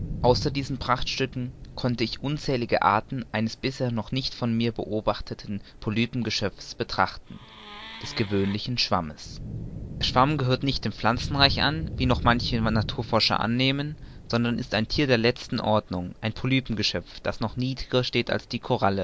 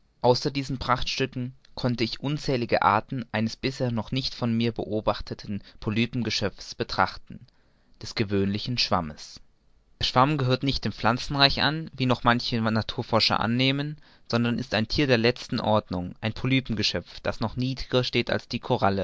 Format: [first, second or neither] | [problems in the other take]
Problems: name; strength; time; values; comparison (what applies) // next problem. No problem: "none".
second | background sound (Thunder / Rain + Wood); 12 dB below the speech